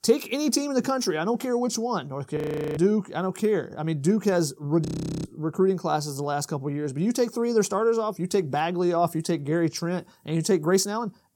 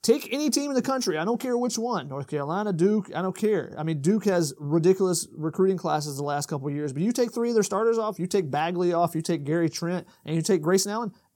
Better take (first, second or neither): second